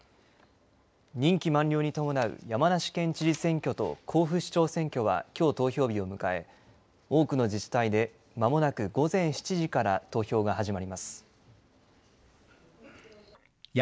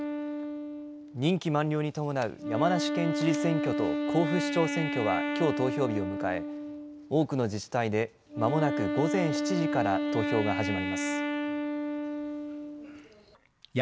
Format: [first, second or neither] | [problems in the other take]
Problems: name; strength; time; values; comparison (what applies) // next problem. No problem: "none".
first | background sound (Wind instrument, woodwind instrument); 2 dB below the speech